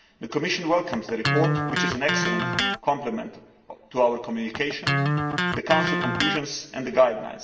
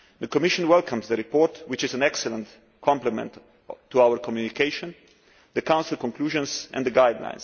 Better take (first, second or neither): second